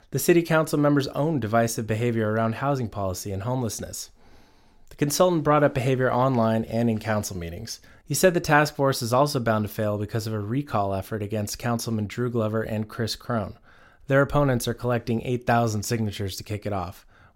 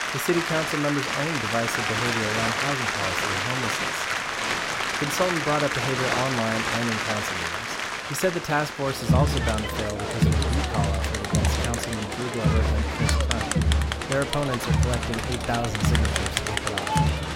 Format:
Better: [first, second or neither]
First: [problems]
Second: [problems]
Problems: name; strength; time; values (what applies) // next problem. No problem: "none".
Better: first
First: none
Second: crowd noise; very loud; throughout; 4 dB above the speech